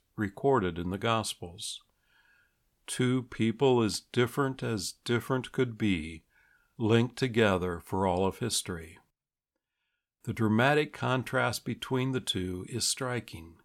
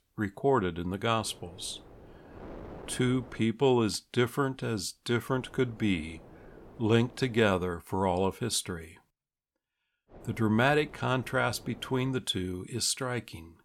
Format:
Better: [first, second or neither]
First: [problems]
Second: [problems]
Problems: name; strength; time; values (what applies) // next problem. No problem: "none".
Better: first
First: none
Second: wind noise on the microphone; occasional gusts; from 1 to 3.5 s, from 5.5 to 7.5 s and from 10 to 12 s; 20 dB below the speech